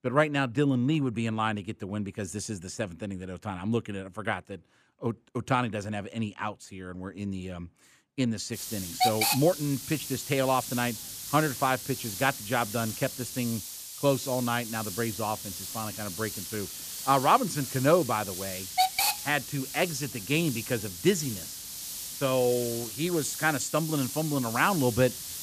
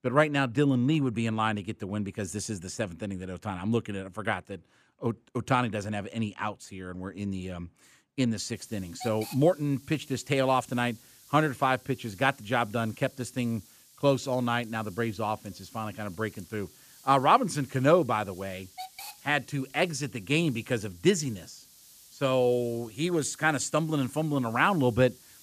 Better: second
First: hiss; loud; from 8.5 s on; 4 dB below the speech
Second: hiss; faint; from 8.5 s on; 20 dB below the speech

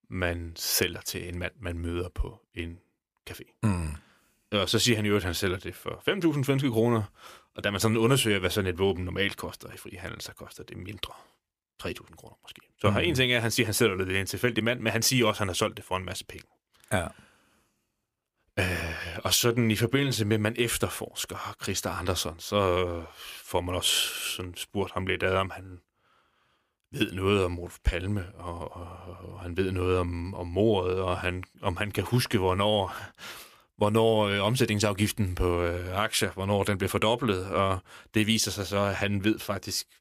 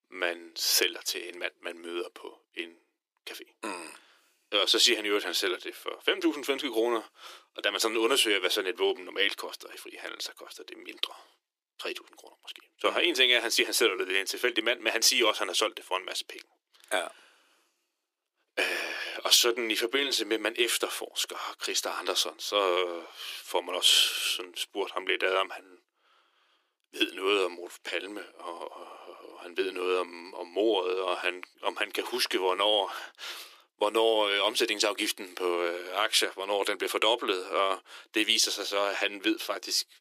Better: first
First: none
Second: thin; very; fading below 350 Hz

